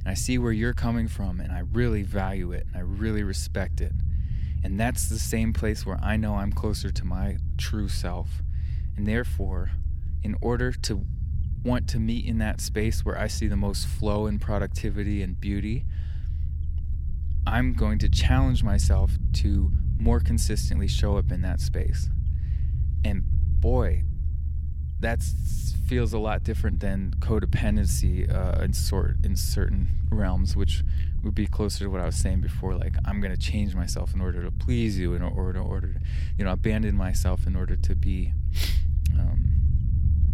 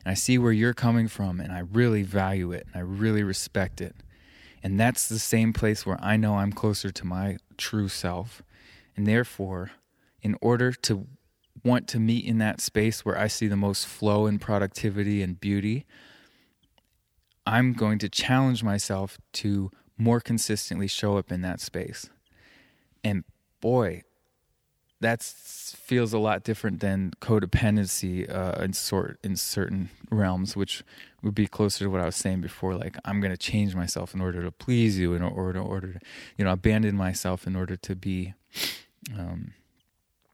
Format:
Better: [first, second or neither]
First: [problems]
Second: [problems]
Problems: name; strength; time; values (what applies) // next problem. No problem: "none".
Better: second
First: low rumble; noticeable; throughout; 10 dB below the speech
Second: none